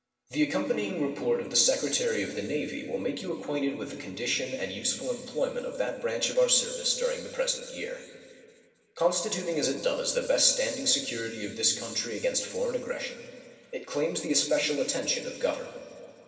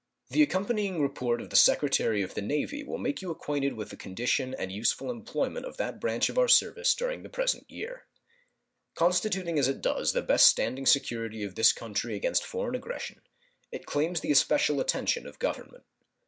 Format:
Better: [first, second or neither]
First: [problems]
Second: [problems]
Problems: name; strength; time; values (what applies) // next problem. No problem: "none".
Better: second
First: room echo; dies away in 2.4 s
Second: none